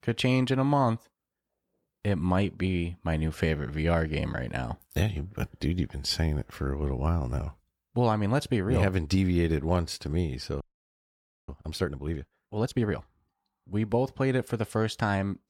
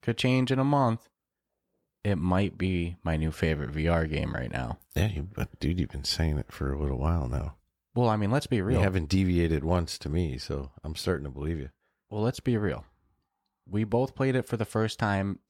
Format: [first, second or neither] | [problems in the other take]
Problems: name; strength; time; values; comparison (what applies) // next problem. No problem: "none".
second | audio freezing; at 11 s for 1 s